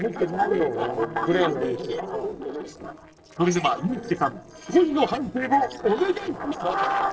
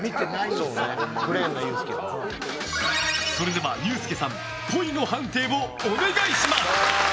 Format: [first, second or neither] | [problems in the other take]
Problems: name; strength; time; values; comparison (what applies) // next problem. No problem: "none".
second | noise reduction (neural separator model SepFormer DNS4)